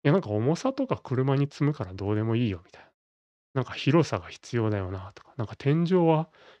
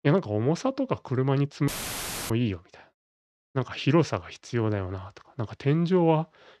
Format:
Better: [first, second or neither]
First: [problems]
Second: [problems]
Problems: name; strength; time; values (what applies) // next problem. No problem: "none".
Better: first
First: none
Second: audio cutting out; filled with static; at 1.5 s for 0.5 s